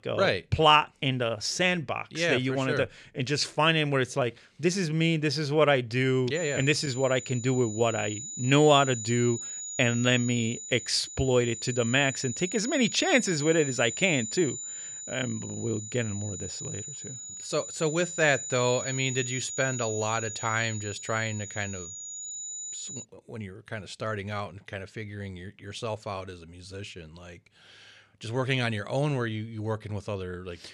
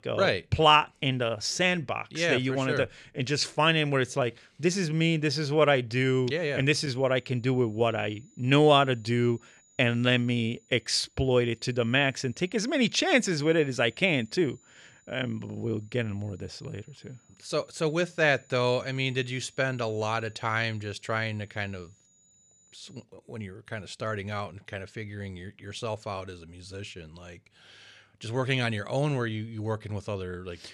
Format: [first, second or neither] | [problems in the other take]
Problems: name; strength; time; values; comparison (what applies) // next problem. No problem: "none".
second | high-pitched whine; loud; from 6.5 to 23 s; 7 kHz, 9 dB below the speech; faint in the second